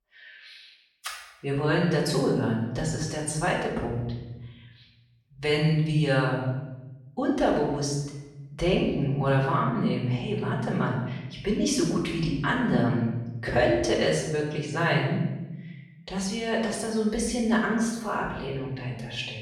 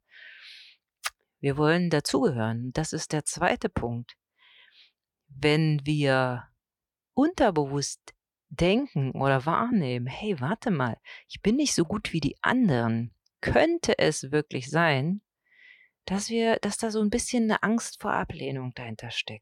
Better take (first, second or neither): second